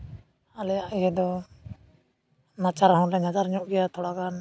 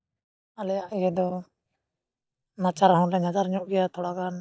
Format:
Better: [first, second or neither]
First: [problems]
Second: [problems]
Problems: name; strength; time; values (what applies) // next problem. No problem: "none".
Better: first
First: none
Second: noise reduction (neural mask model DeepFilterNet 3)